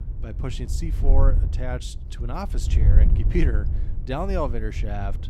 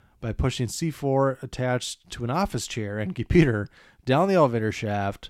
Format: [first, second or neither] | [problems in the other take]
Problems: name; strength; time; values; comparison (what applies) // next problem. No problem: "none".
second | wind noise on the microphone; heavy; 10 dB below the speech